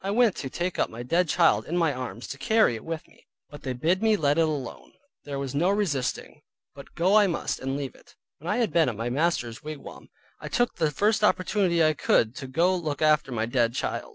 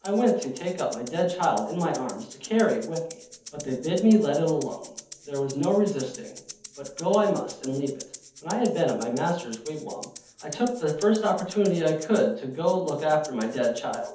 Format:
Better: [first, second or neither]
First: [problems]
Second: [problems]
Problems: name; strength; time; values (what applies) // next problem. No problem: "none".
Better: first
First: none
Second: background sound (Rattle (instrument)); 19 dB below the speech // room echo; dies away in 0.6 s